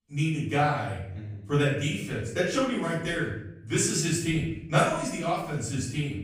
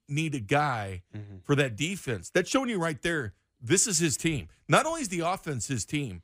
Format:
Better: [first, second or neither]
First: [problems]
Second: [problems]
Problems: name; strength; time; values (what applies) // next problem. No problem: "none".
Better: second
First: off-mic speech; far // room echo; noticeable; dies away in 0.7 s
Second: none